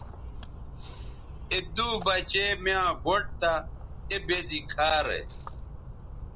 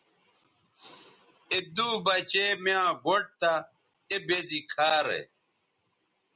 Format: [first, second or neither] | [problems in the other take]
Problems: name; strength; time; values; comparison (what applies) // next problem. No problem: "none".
second | background sound (Splash, splatter); 9 dB below the speech